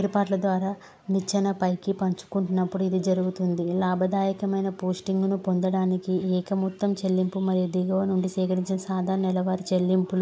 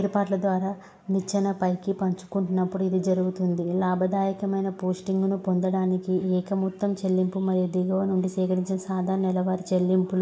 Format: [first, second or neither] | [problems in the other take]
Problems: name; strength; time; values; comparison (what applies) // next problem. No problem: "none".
first | room echo; dies away in 0.8 s